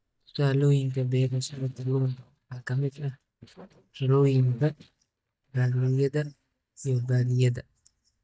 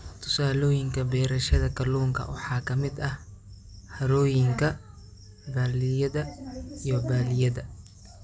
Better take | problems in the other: second | noise reduction (neural mask model DeepFilterNet 3)

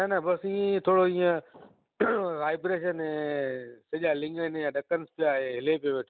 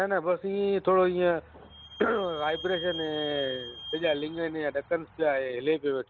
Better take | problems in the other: first | background sound (Squeak / Vehicle); 15 dB below the speech

